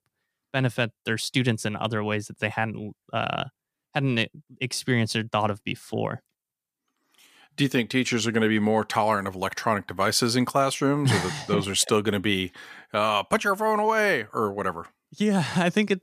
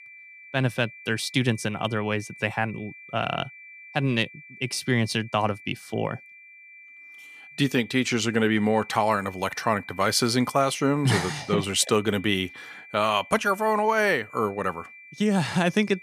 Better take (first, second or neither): first